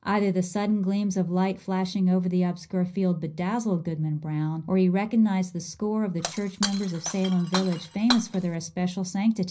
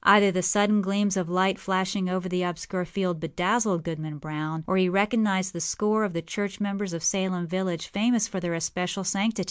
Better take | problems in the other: second | background sound (Shatter); 9 dB below the speech // room echo; dies away in 0.5 s

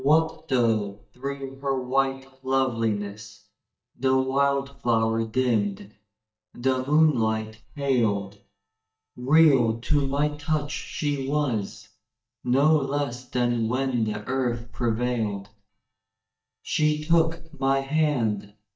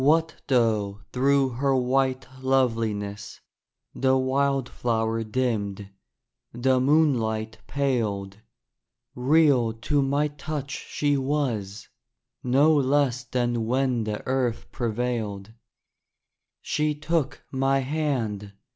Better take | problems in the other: second | noise reduction (neural mask model DeepFilterNet 3)

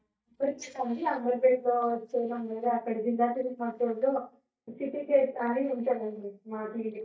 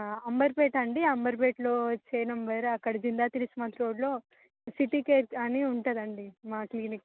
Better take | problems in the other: second | noise reduction (neural mask model DeepFilterNet 3)

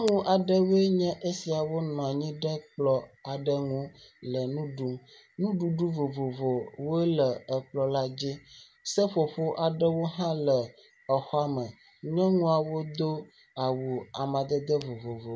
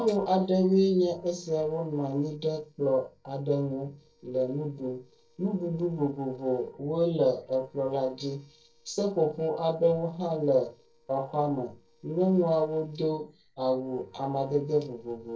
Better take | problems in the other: first | noise reduction (neural separator model SepFormer DNS4)

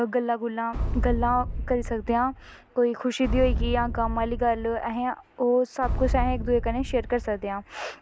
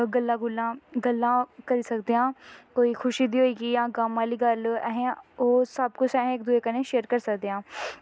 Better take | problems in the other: second | background sound (Boom); 4 dB below the speech

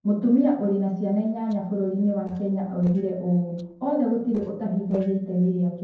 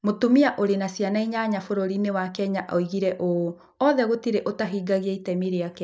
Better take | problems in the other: second | noise reduction (neural separator model SepFormer DNS4)

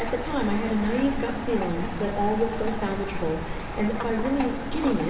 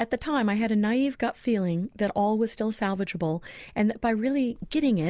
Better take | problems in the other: second | background sound (Rain); 4 dB below the speech // room echo; dies away in 2.3 s

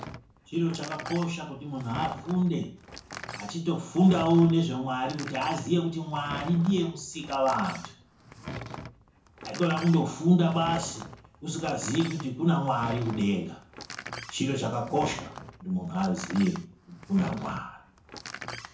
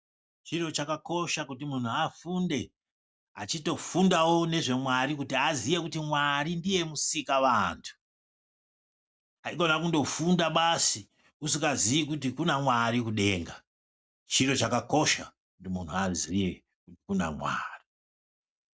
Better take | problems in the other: second | background sound (Door); 14 dB below the speech // room echo; dies away in 0.6 s

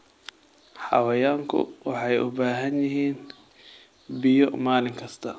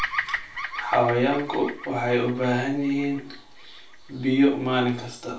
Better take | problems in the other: first | background sound (Bird vocalization, bird call, bird song); 11 dB below the speech // room echo; dies away in 0.3 s

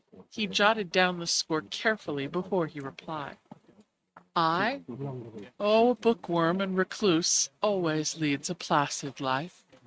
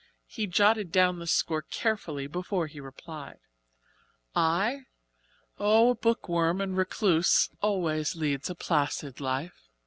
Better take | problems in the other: second | noise reduction (neural mask model RNNoise)

